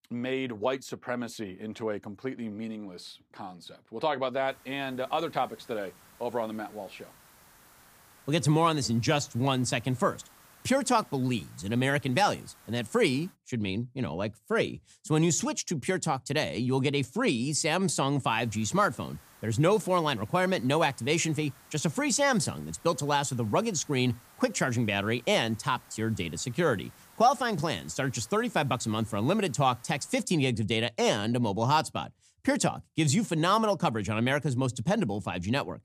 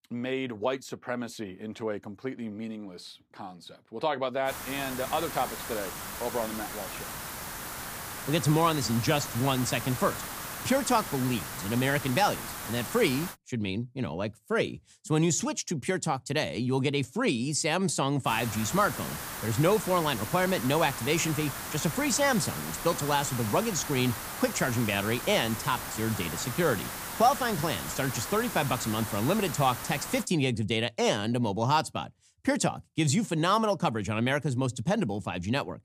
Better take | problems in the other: first | hiss; loud; from 4.5 to 13 s and from 18 to 30 s; 7 dB below the speech; faint in the first

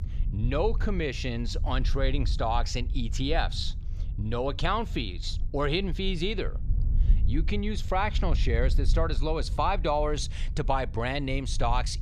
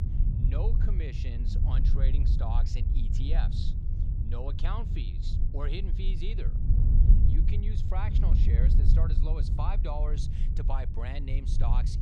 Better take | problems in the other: first | low rumble; loud; throughout; 3 dB below the speech; faint in the first

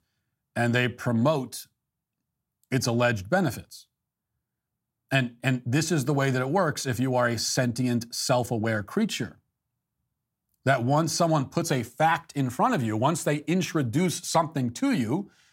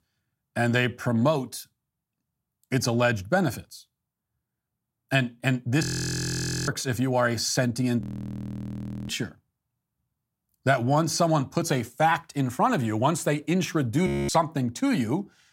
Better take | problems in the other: first | audio freezing; at 6 s for 1 s, at 8 s for 1 s and at 14 s

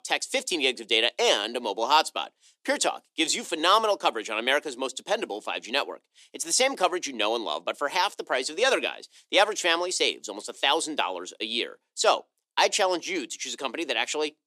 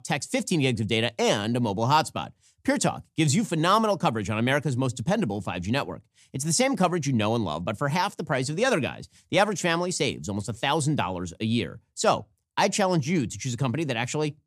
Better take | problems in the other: second | thin; very; fading below 350 Hz

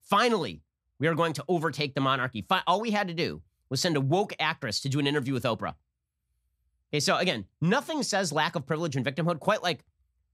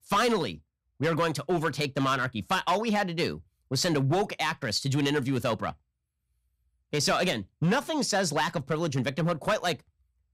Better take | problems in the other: first | distortion; slight; 5% of the sound clipped

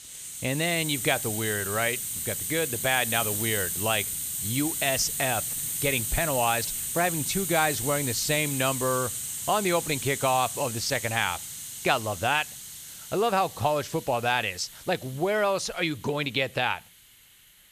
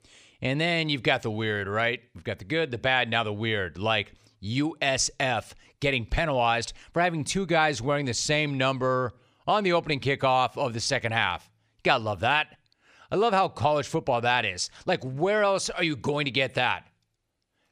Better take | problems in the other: second | hiss; loud; throughout; 3 dB below the speech

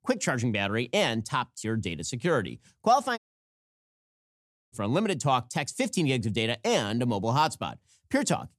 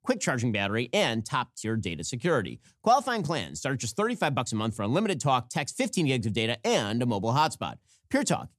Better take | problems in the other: second | audio cutting out; at 3 s for 1.5 s

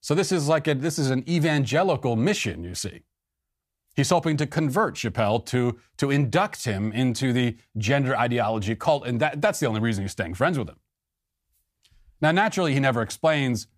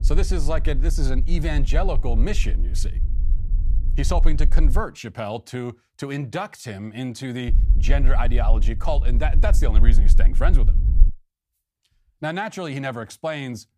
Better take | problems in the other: first | low rumble; noticeable; until 5 s and from 7.5 to 11 s; 15 dB below the speech

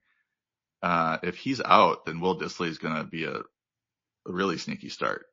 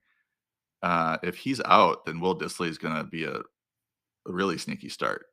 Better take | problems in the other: second | garbled, watery; slightly

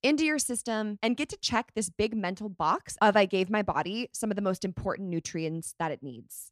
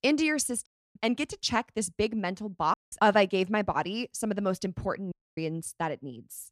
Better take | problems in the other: first | audio cutting out; at 0.5 s, at 2.5 s and at 5 s

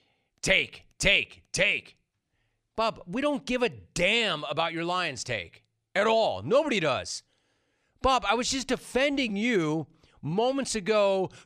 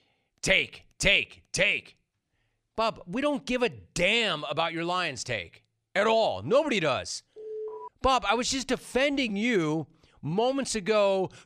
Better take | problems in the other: first | alarm; faint; at 7.5 s; peak 10 dB below the speech

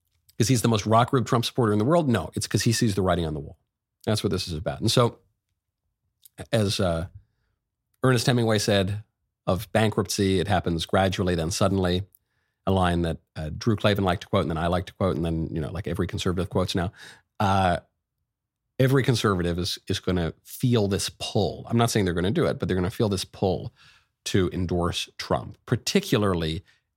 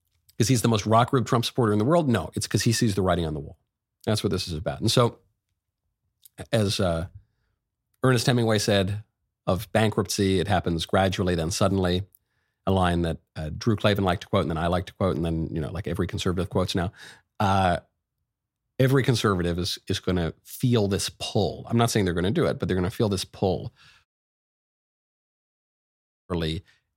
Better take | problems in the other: first | audio cutting out; at 24 s for 2 s

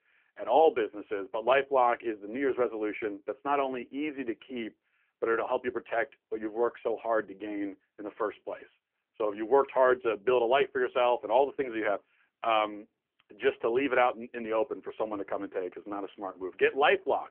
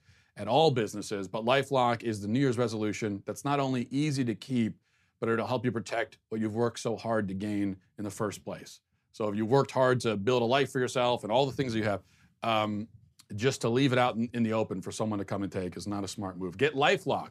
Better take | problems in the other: second | phone-call audio; nothing above 3 kHz

